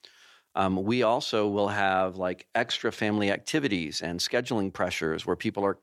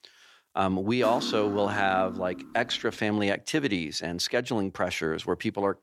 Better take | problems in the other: first | clattering dishes; noticeable; from 1 to 3 s; peak 7 dB below the speech

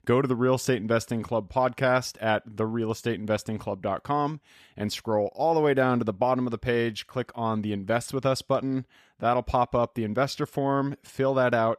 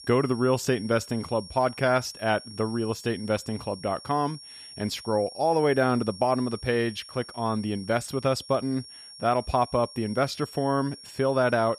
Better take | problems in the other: first | high-pitched whine; noticeable; throughout; 5.5 kHz, 15 dB below the speech

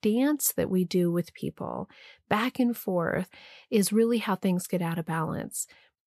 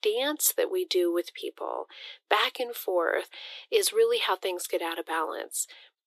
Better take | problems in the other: first | thin; very; fading below 350 Hz

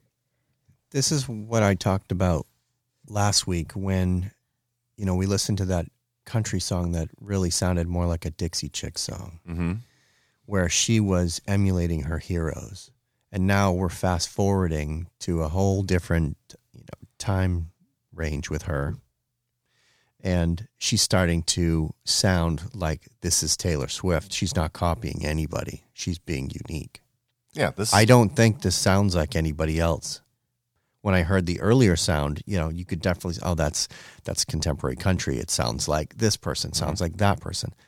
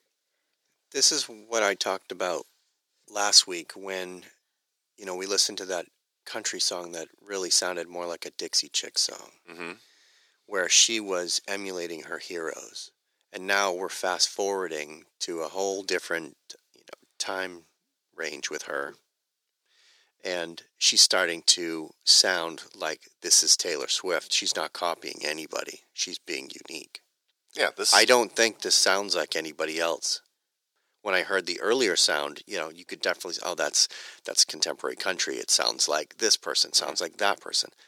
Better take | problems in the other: first | thin; very; fading below 350 Hz

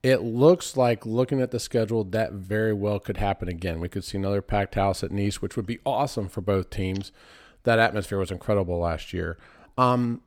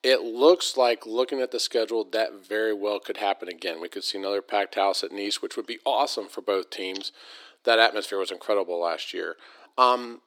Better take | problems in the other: first | thin; very; fading below 300 Hz

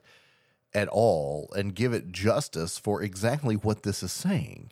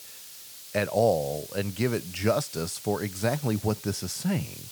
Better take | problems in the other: first | hiss; noticeable; throughout; 10 dB below the speech

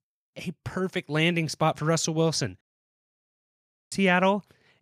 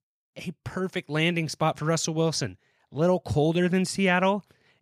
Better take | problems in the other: second | audio cutting out; at 2.5 s for 1.5 s

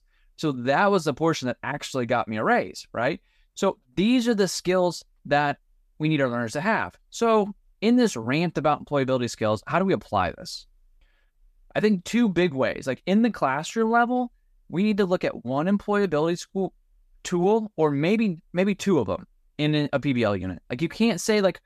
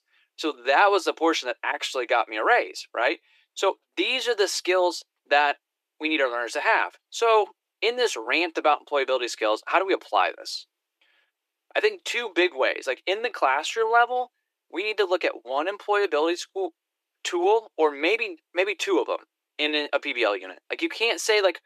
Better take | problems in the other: first | thin; very; fading below 300 Hz

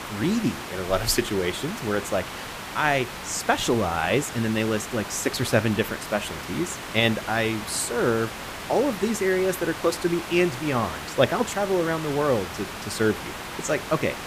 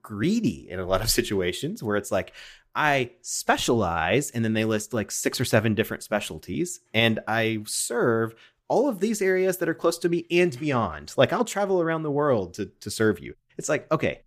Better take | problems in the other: second | hiss; loud; throughout; 9 dB below the speech

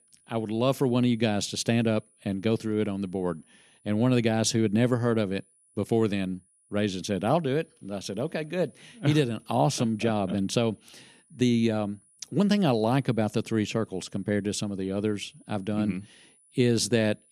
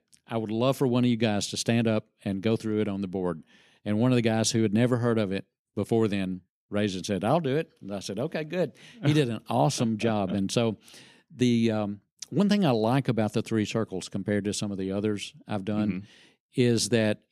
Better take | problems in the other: second | high-pitched whine; faint; throughout; 10 kHz, 35 dB below the speech

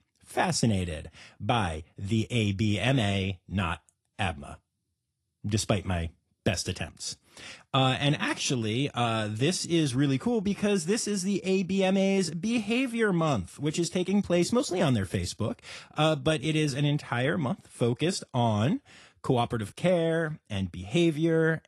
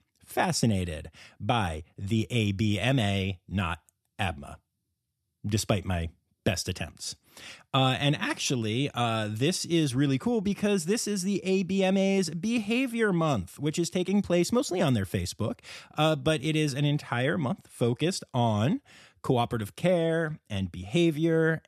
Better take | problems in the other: second | garbled, watery; slightly; nothing above 11 kHz

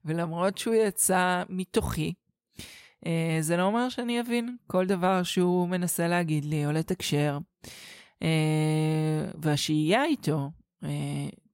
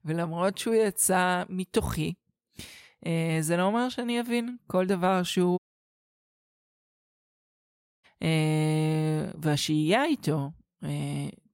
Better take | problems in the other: first | audio cutting out; at 5.5 s for 2.5 s

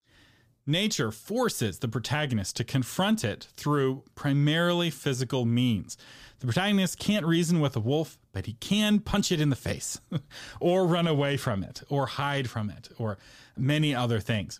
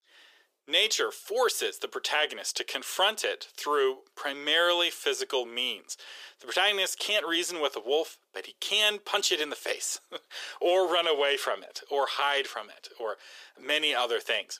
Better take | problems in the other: first | thin; very; fading below 400 Hz

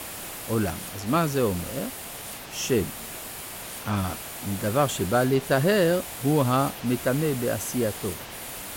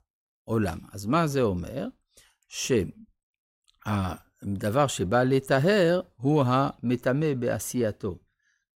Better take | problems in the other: second | hiss; loud; throughout; 9 dB below the speech

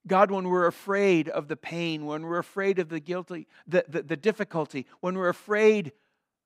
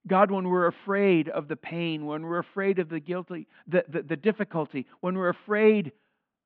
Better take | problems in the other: first | muffled; very; fading above 3.5 kHz

